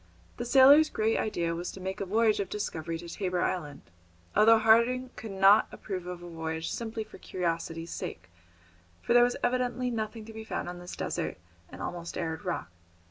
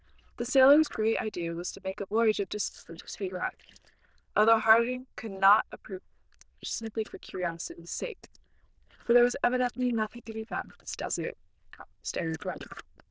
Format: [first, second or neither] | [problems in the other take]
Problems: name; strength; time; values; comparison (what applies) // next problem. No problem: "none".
first | noise reduction (neural diffusion model UNIVERSE++)